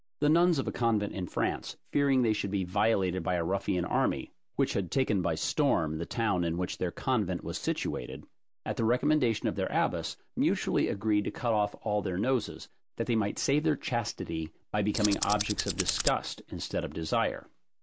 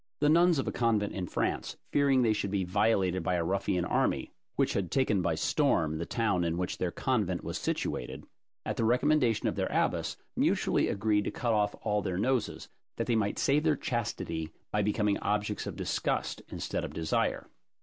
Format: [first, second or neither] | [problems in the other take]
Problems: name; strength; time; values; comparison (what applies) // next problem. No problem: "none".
second | background sound (Tools); 4 dB below the speech